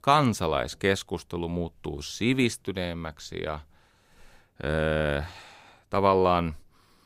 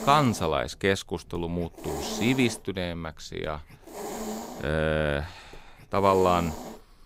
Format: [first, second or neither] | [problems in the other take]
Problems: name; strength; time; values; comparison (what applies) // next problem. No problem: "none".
first | hiss; noticeable; throughout; 10 dB below the speech